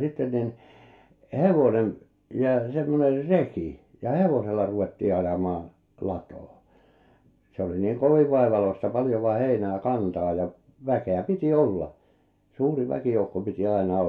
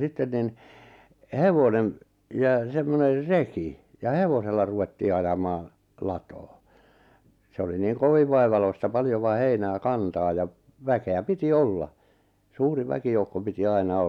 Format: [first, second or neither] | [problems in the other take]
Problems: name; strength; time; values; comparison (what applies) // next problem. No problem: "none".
second | room echo; dies away in 0.3 s